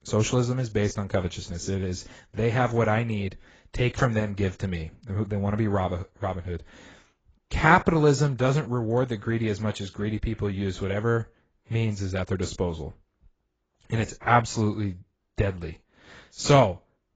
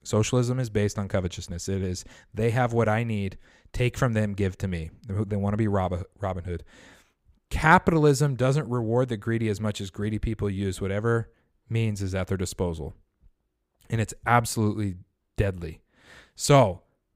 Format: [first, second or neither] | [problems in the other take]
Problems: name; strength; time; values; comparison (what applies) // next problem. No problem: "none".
second | garbled, watery; badly; nothing above 7.5 kHz